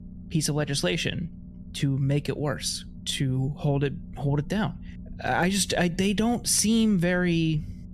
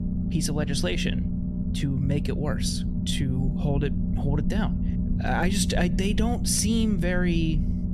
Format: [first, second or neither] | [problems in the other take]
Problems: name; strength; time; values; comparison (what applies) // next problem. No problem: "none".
first | low rumble; loud; throughout; 7 dB below the speech; faint in the first